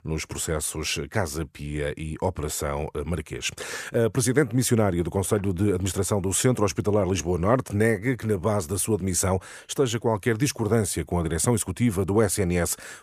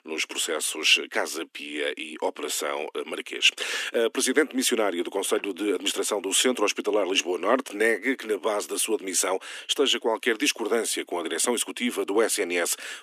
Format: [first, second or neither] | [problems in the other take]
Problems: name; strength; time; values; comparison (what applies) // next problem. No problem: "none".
first | thin; somewhat; fading below 250 Hz